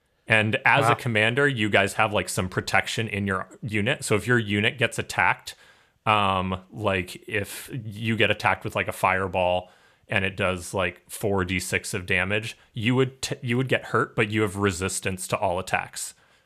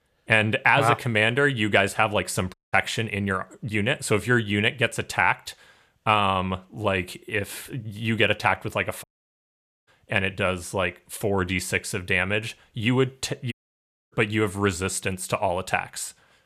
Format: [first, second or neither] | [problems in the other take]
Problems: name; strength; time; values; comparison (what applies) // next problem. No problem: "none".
first | audio cutting out; at 2.5 s, at 9 s for 1 s and at 14 s for 0.5 s